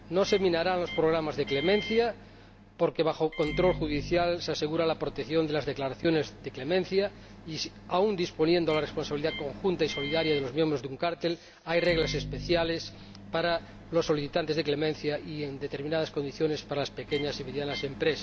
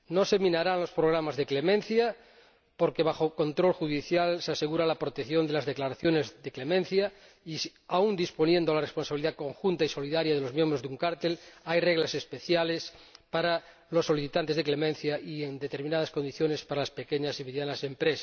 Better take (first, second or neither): second